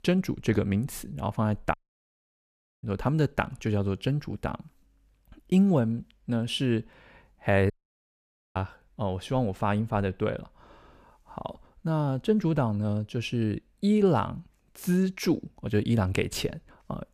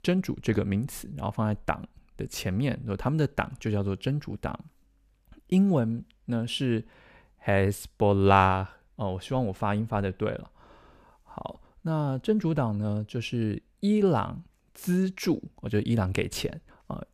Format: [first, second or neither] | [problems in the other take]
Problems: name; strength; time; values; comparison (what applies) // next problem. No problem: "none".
second | audio cutting out; at 1.5 s for 1 s and at 7.5 s for 1 s